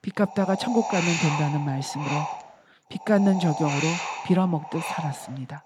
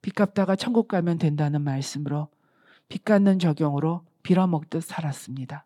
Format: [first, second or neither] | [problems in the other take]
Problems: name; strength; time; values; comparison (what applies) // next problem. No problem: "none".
second | wind noise on the microphone; heavy; 1 dB below the speech